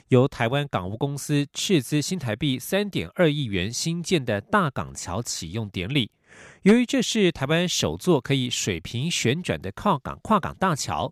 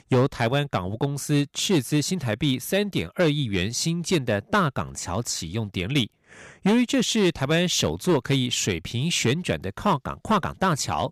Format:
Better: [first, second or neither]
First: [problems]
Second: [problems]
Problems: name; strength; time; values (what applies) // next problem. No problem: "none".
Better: first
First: none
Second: distortion; slight; 5% of the sound clipped